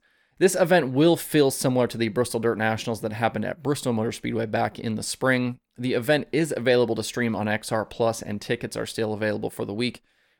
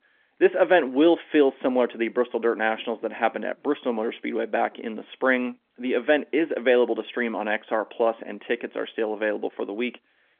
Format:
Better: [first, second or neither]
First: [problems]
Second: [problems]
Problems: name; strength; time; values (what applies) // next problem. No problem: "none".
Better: first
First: none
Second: phone-call audio; nothing above 3.5 kHz